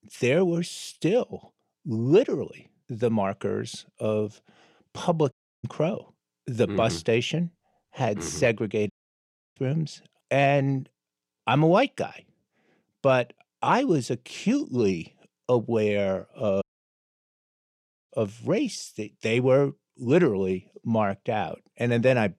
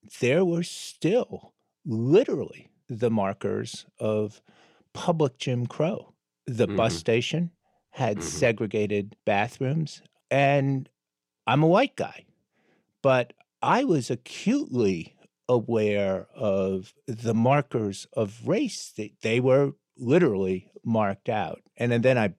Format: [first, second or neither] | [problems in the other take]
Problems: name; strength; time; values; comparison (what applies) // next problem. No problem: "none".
second | audio cutting out; at 5.5 s, at 9 s for 0.5 s and at 17 s for 1.5 s